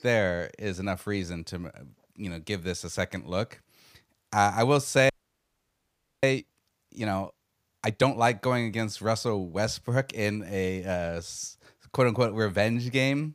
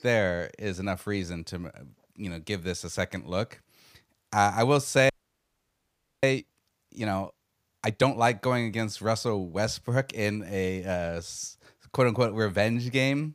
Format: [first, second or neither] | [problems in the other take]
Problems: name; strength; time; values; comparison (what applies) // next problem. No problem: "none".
neither | audio freezing; at 5 s for 1 s; the same in both